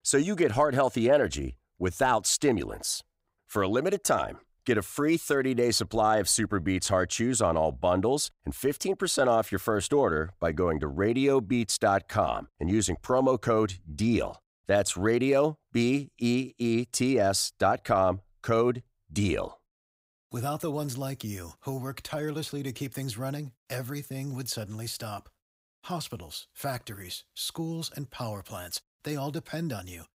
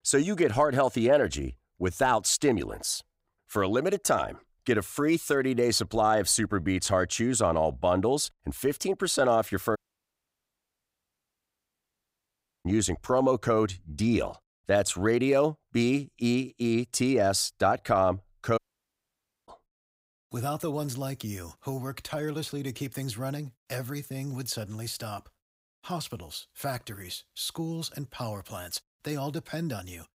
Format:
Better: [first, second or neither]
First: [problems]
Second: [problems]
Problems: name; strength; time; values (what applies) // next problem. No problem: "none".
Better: first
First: none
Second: audio cutting out; at 10 s for 3 s and at 19 s for 1 s